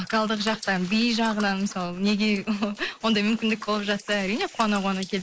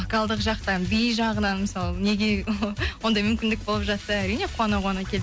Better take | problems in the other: second | noise reduction (neural mask model Resemble Enhance denoiser)

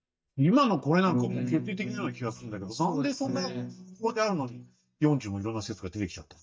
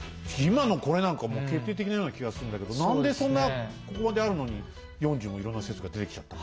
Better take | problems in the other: second | noise reduction (neural mask model DeepFilterNet 3)

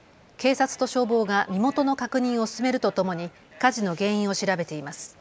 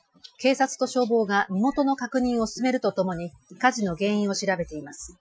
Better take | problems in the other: first | noise reduction (classical method Wiener filter)

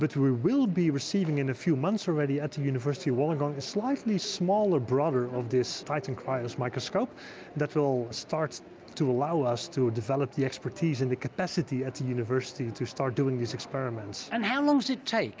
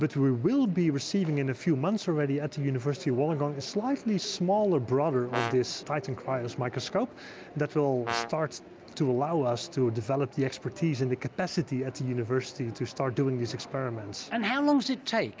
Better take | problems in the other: first | background sound (Brass instrument); 8 dB below the speech

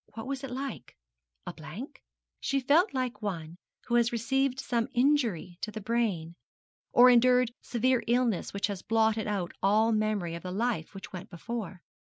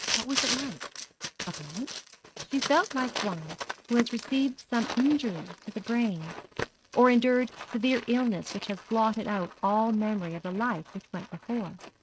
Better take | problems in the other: first | noise reduction (neural mask model RNNoise)

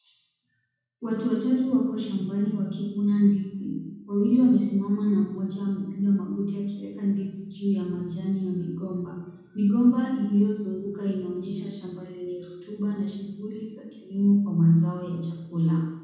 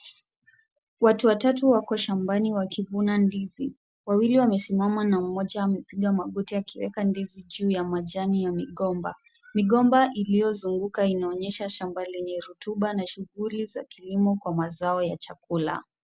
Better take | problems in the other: second | room echo; dies away in 1.1 s

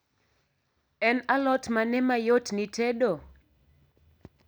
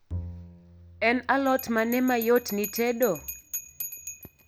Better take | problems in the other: first | background sound (Bowed string instrument + Bell); 12 dB below the speech

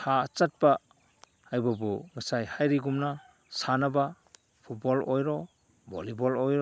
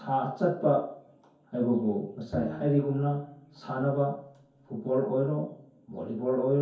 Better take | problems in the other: first | background sound (Bowed string instrument); 16 dB below the speech // room echo; dies away in 0.6 s

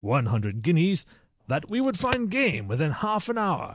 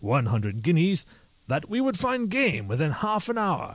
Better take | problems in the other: second | noise reduction (neural mask model DeepFilterNet 3)

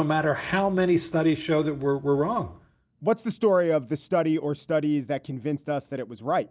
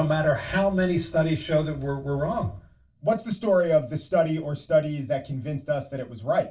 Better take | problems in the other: first | room echo; dies away in 0.2 s

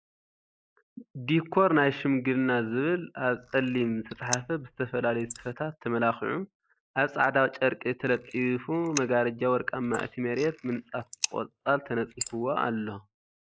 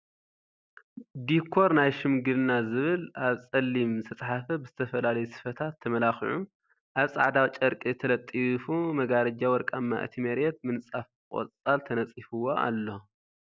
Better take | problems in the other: second | noise reduction (neural mask model Resemble Enhance denoiser)

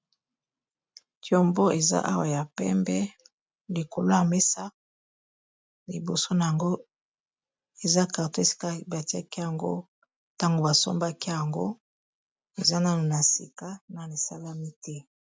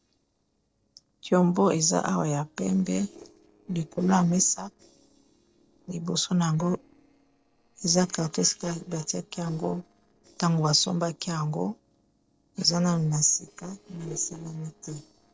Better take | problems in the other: first | noise reduction (neural separator model SepFormer DNS4)

